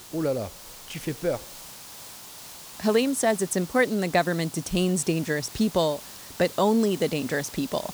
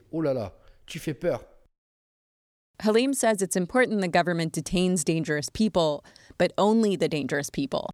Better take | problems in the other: second | hiss; noticeable; throughout; 15 dB below the speech

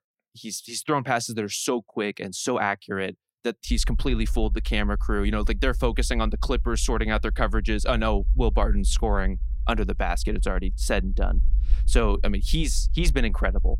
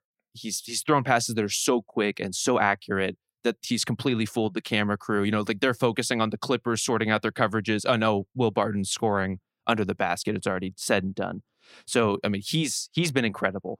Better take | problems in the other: second | low rumble; faint; from 3.5 s on; 25 dB below the speech

